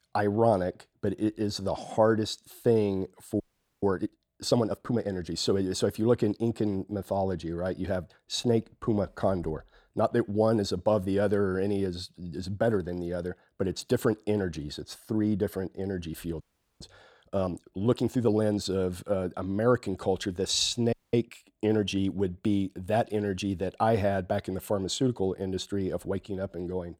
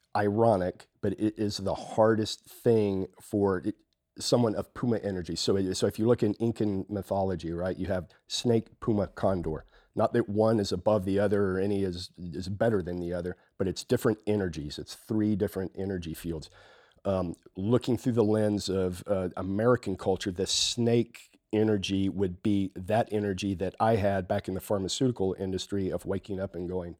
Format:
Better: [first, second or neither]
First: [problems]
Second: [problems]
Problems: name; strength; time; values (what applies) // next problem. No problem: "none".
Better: second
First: audio freezing; at 3.5 s, at 16 s and at 21 s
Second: none